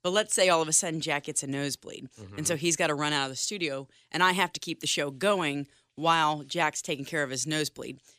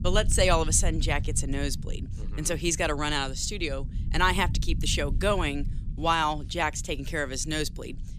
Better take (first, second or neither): first